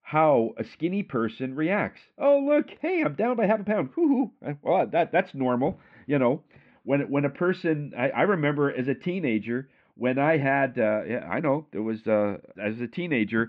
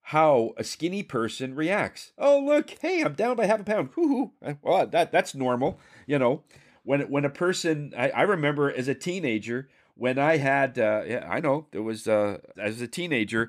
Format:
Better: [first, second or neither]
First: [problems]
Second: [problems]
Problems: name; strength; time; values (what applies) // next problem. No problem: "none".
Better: second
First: muffled; very; fading above 3 kHz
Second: none